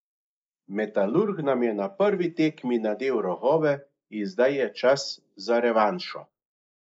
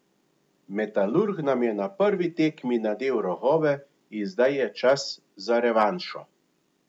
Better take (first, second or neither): second